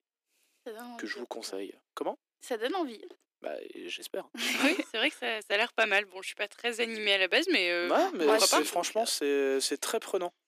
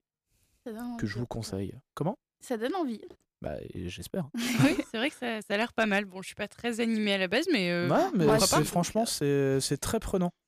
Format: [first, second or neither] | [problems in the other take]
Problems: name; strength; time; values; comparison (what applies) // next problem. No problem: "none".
second | thin; somewhat; fading below 300 Hz